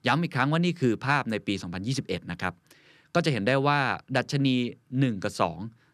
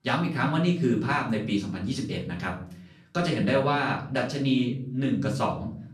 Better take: first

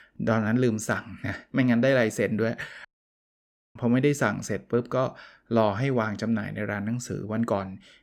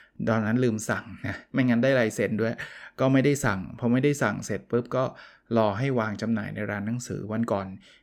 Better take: second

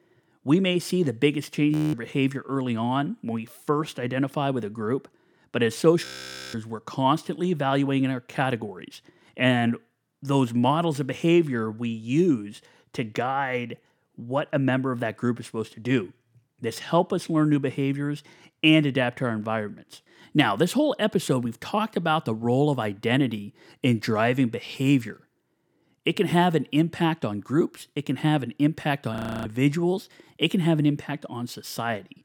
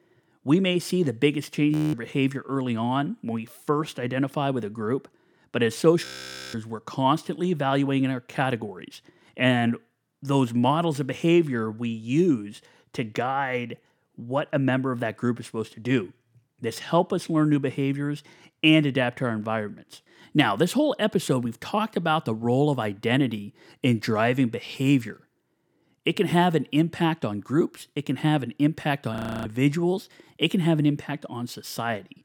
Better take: neither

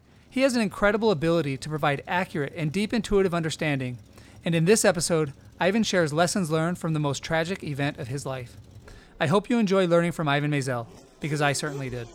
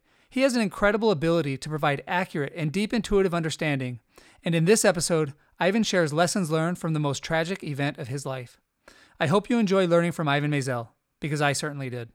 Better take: second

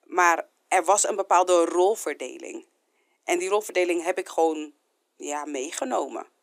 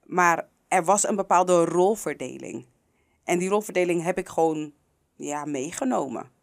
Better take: second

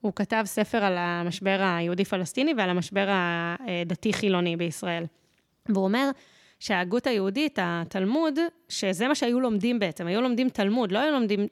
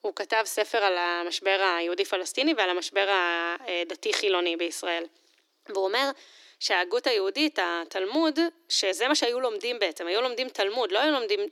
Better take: first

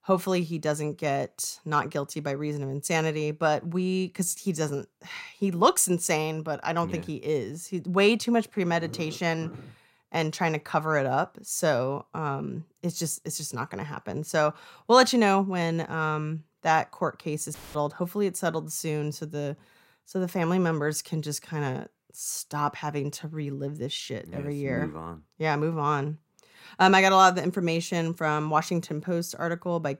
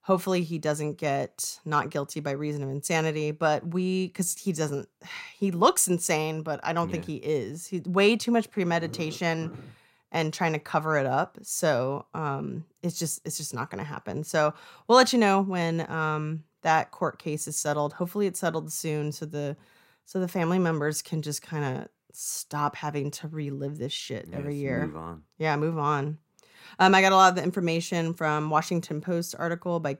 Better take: second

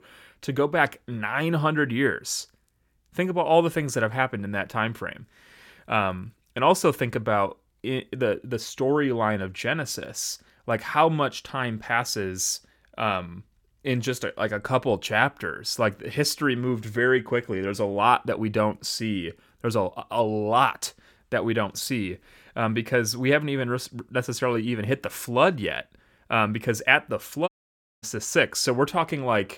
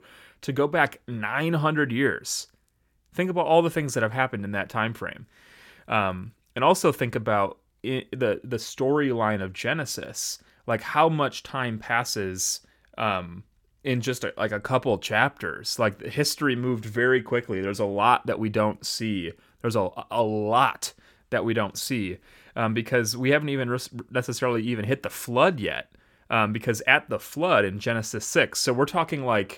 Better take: second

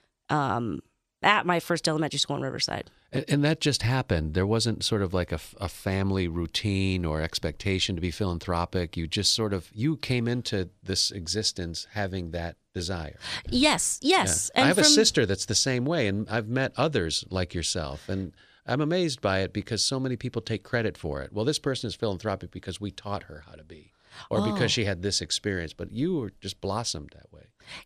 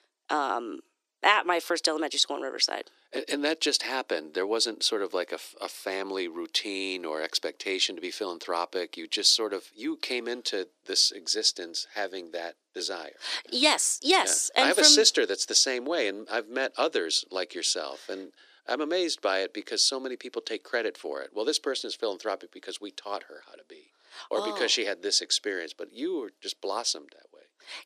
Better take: first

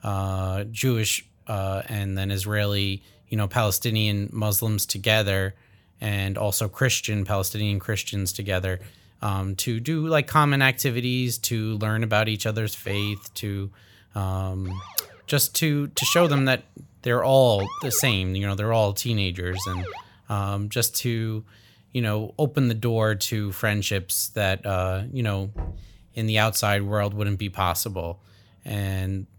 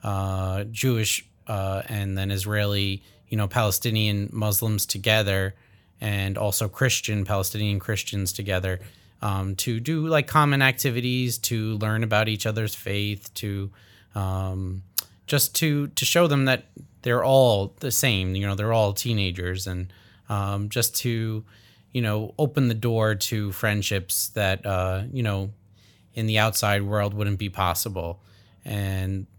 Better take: second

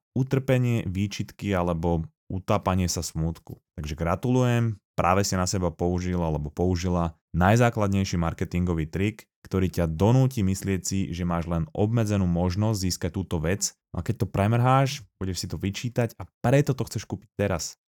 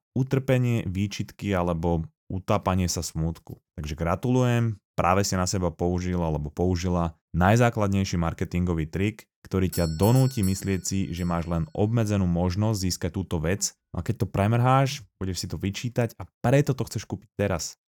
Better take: first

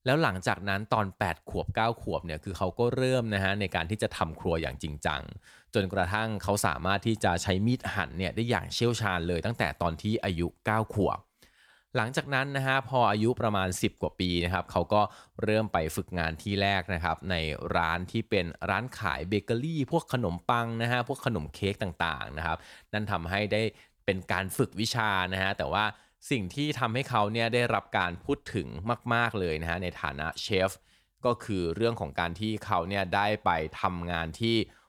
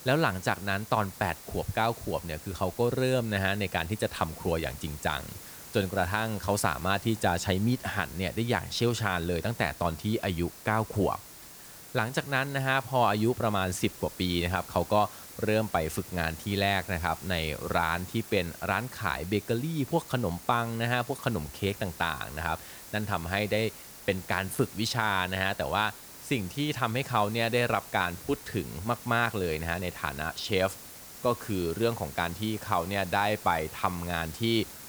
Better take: first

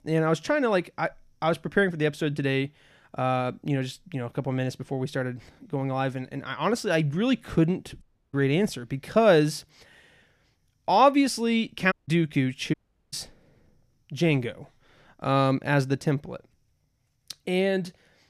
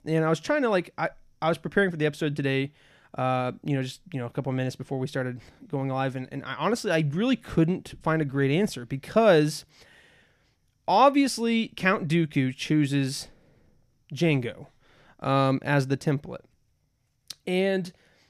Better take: second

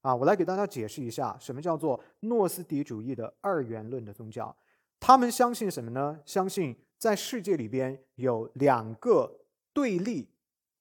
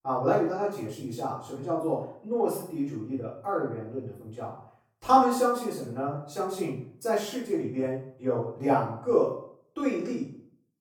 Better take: first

